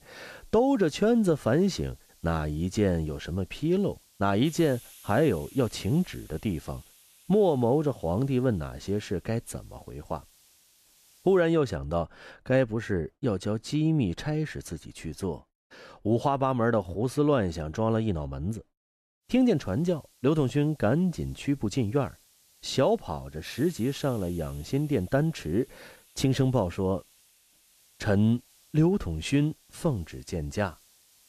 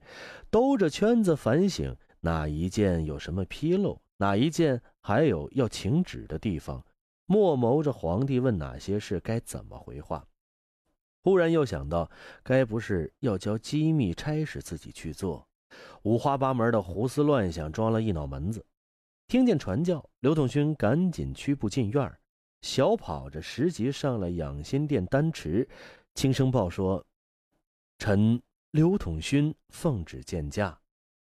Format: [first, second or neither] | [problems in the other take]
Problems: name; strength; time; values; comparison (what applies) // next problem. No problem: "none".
second | hiss; faint; until 11 s and from 19 s on; 25 dB below the speech